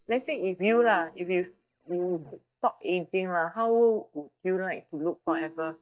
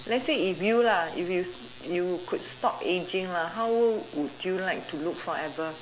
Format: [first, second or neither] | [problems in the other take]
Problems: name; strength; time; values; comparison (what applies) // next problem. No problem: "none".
second | noise reduction (neural mask model DeepFilterNet 3)